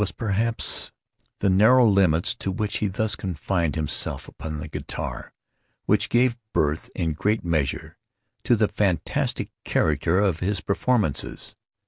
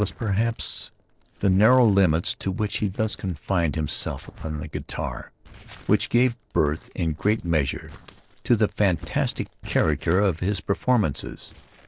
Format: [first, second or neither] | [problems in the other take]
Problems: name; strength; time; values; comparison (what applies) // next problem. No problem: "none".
first | noise reduction (neural separator model SepFormer DNS4)